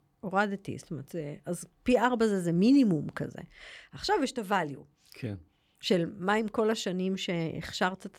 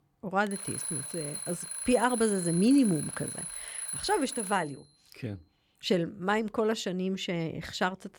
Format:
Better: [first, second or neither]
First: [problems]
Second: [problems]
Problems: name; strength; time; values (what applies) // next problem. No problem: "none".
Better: first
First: none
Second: alarm; noticeable; until 4.5 s; peak 3 dB below the speech